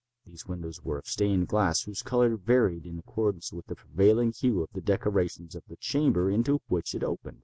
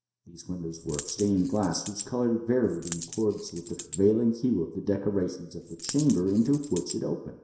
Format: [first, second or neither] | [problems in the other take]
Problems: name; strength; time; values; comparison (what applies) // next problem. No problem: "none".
first | background sound (Coin (dropping)); 14 dB below the speech // room echo; dies away in 0.7 s